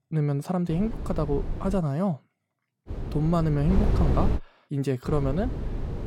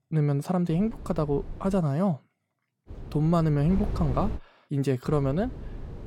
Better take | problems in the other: second | wind noise on the microphone; heavy; from 0.5 to 2 s, from 3 to 4.5 s and from 5 s on; 7 dB below the speech; occasional gusts in the second

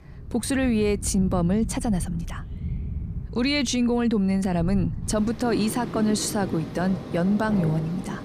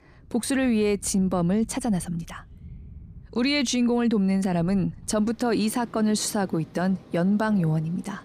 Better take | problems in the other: second | rain or running water; loud; throughout; 9 dB below the speech; faint in the second

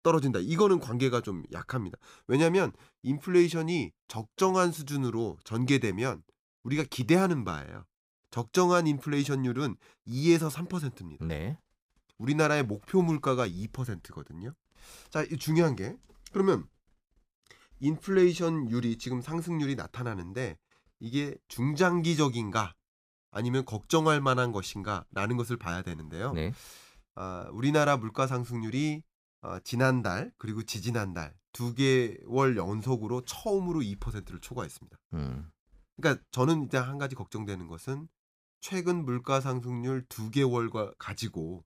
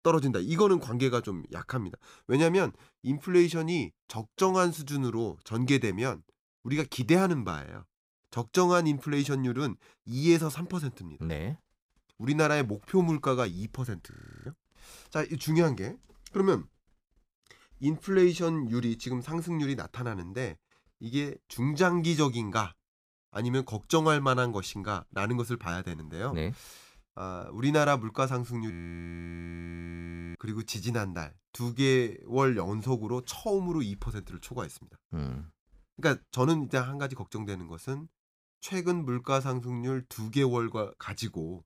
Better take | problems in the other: first | audio freezing; at 14 s and at 29 s for 1.5 s

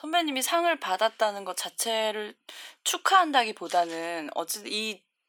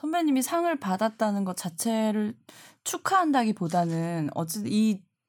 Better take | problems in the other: second | thin; very; fading below 400 Hz

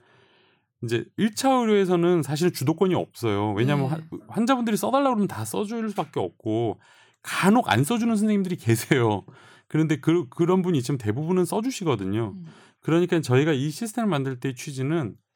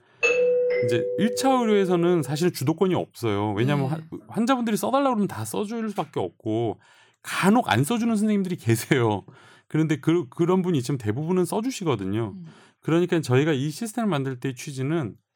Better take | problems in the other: first | doorbell; loud; until 2 s; peak 4 dB above the speech

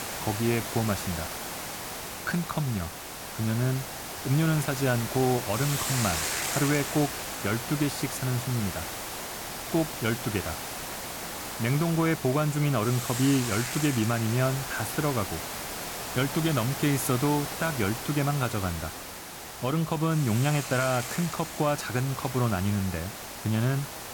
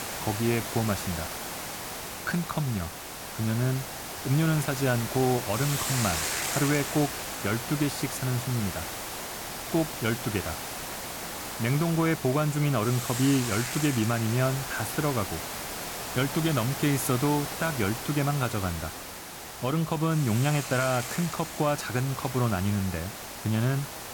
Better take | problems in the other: neither | hiss; loud; throughout; 5 dB below the speech; the same in both

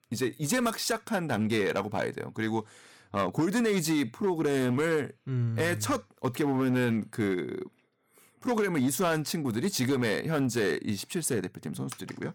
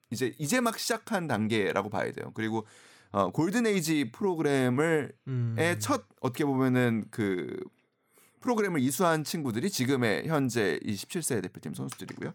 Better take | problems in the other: second | distortion; slight; 5% of the sound clipped

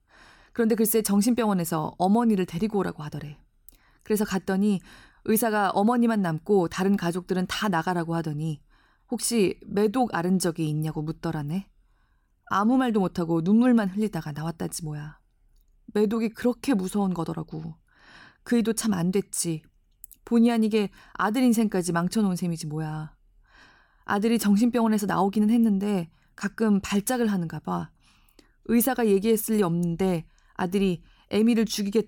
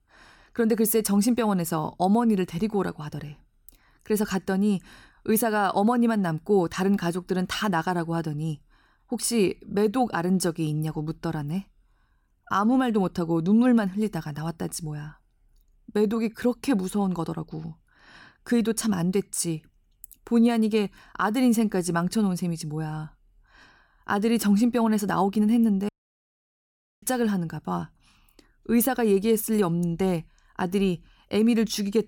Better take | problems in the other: first | audio cutting out; at 26 s for 1 s

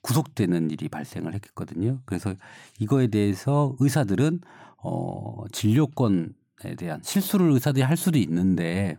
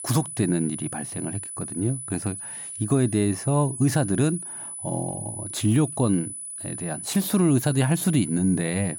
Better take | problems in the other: first | high-pitched whine; loud; throughout; 10 kHz, 8 dB below the speech

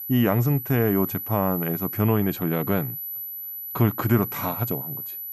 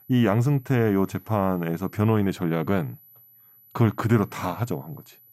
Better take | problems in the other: second | high-pitched whine; loud; throughout; 12 kHz, 6 dB below the speech; faint in the second

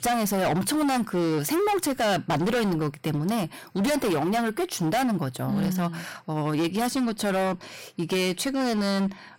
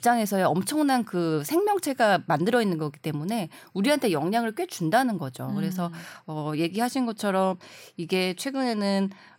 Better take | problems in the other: second | distortion; heavy; 25% of the sound clipped

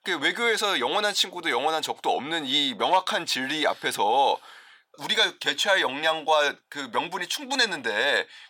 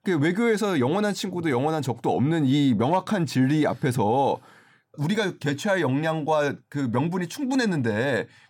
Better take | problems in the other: second | thin; very; fading below 700 Hz

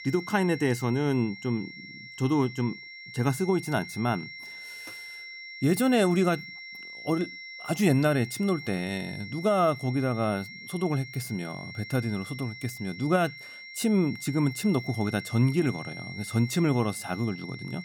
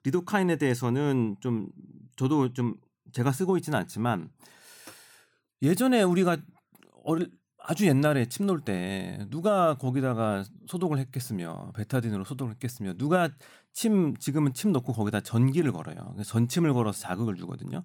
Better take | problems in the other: second | high-pitched whine; noticeable; throughout; 2 kHz, 15 dB below the speech

